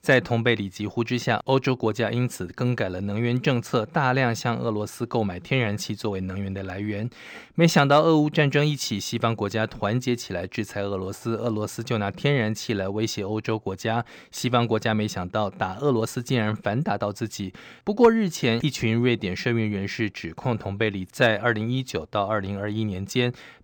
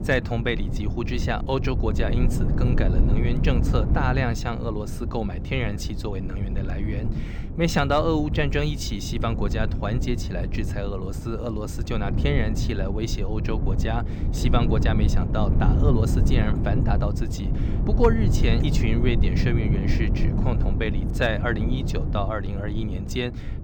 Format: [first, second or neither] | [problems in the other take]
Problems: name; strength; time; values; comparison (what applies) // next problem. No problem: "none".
first | wind noise on the microphone; heavy; 7 dB below the speech